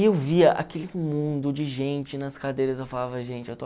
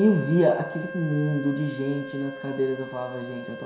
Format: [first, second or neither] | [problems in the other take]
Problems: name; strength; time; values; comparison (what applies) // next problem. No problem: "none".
first | background sound (Wind instrument, woodwind instrument); 12 dB below the speech // room echo; dies away in 0.7 s